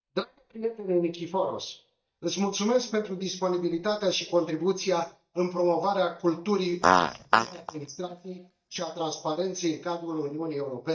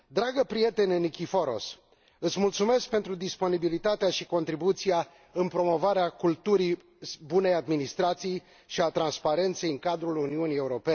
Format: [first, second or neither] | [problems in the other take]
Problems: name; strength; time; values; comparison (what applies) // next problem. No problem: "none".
second | noise reduction (neural mask model DeepFilterNet 3)